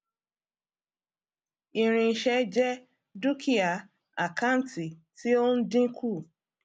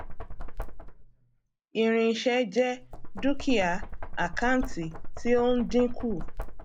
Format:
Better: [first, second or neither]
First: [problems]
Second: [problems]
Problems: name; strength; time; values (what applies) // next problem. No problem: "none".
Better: first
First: none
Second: background sound (Knock); 4 dB below the speech